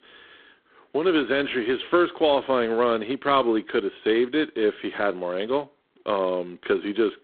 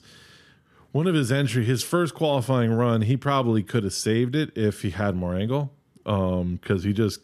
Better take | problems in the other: second | phone-call audio; poor line

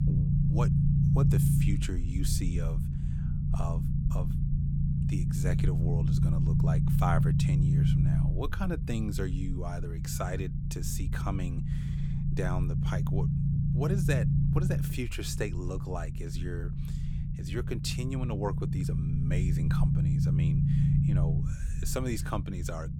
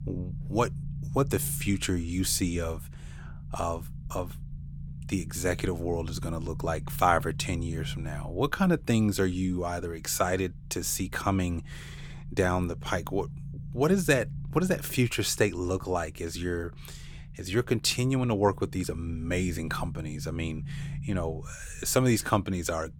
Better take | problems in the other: second | low rumble; loud; throughout; 1 dB below the speech; faint in the second

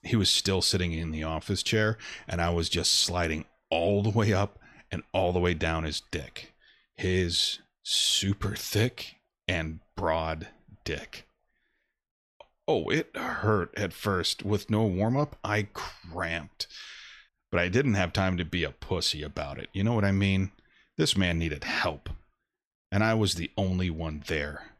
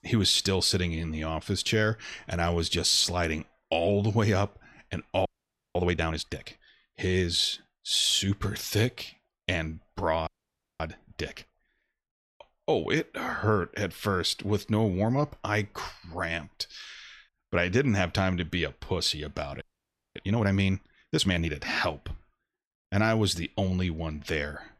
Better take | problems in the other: first | audio freezing; at 5.5 s, at 10 s for 0.5 s and at 20 s for 0.5 s

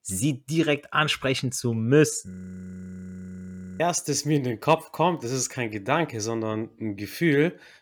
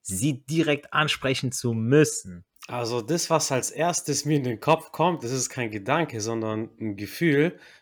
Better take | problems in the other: second | audio freezing; at 2.5 s for 1.5 s

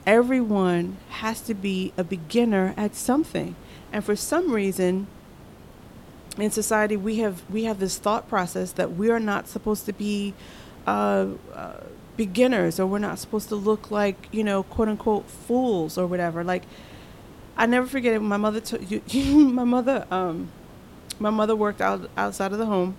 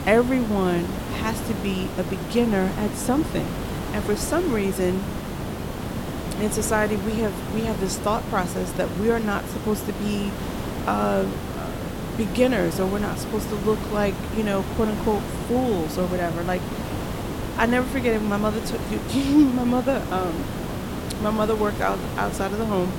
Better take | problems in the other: first | hiss; loud; throughout; 6 dB below the speech; faint in the first

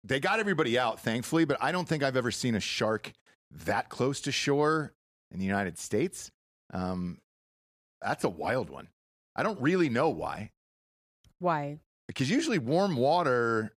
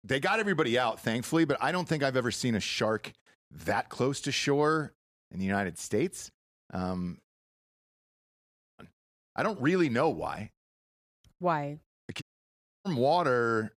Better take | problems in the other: first | audio cutting out; at 8 s for 1 s and at 12 s for 0.5 s

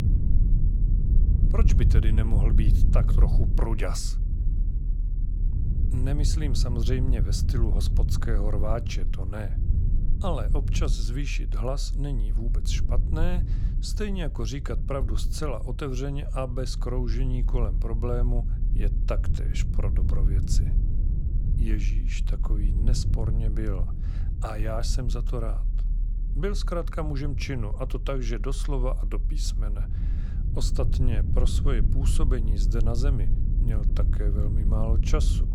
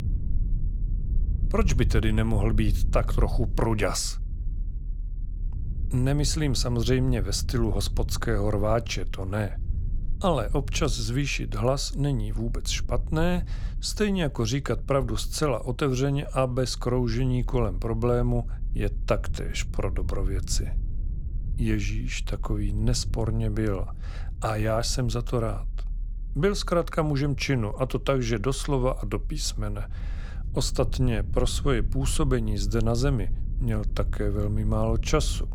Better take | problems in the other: second | low rumble; loud; throughout; 8 dB below the speech; faint in the second

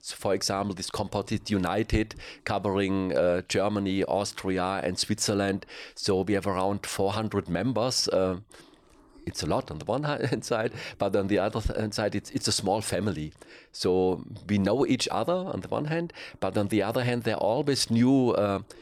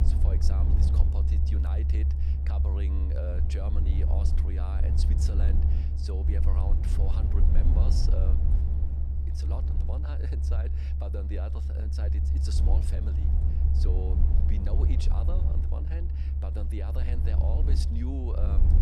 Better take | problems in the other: first | low rumble; loud; throughout; as loud as the speech

